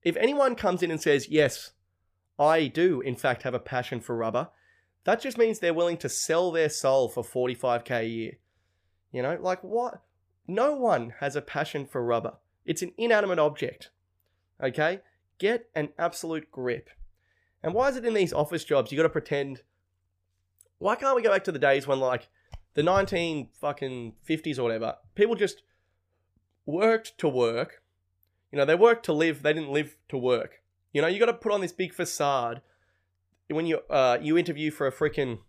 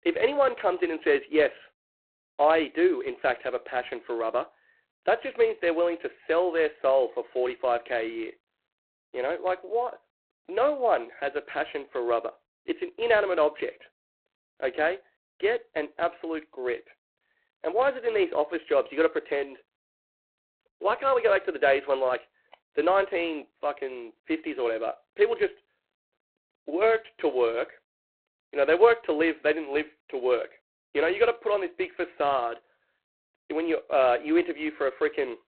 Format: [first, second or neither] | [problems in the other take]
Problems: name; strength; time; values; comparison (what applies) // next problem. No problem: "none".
first | phone-call audio; poor line; nothing above 4 kHz